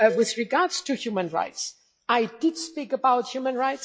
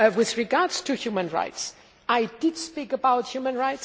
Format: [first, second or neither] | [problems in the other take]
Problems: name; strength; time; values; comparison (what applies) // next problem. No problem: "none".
second | noise reduction (classical method log-MMSE)